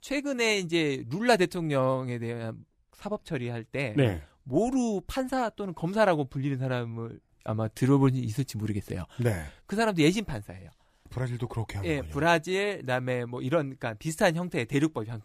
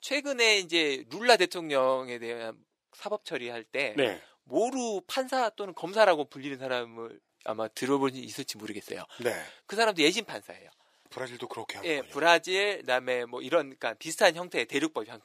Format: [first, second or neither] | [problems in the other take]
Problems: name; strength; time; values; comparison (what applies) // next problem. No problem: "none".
first | thin; somewhat; fading below 450 Hz